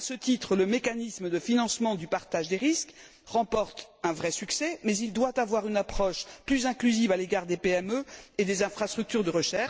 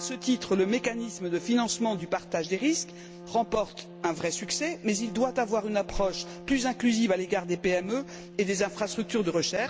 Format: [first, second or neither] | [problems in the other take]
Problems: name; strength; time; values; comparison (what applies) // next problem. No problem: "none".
first | background sound (Trumpet); 16 dB below the speech